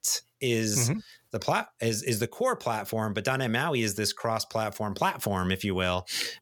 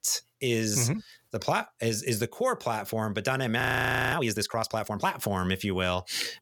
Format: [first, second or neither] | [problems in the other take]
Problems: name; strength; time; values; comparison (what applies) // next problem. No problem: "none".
first | audio freezing; at 3.5 s for 0.5 s